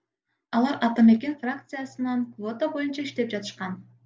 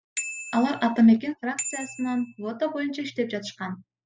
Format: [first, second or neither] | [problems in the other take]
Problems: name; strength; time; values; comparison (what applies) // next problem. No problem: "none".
first | noise reduction (classical method spectral subtraction)